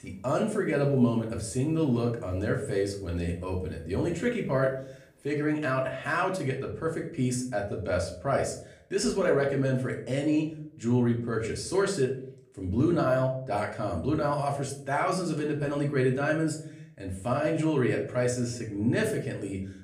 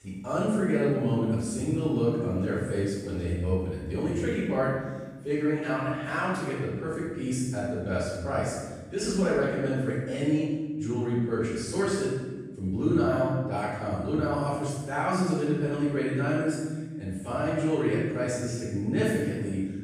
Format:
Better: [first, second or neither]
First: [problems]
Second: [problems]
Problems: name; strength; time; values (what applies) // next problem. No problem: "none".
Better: first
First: room echo; slight; dies away in 0.5 s // off-mic speech; far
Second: room echo; strong; dies away in 1.3 s // off-mic speech; far